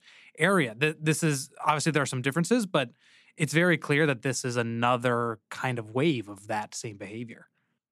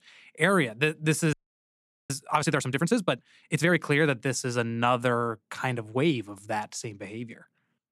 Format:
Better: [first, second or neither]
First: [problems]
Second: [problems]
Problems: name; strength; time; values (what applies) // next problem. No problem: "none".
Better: first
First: none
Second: audio freezing; at 1.5 s for 1 s